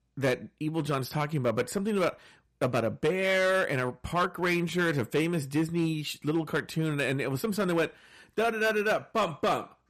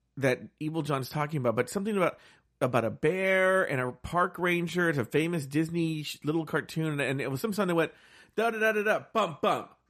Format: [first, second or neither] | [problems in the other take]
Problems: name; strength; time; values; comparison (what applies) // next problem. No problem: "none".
second | distortion; slight; 6% of the sound clipped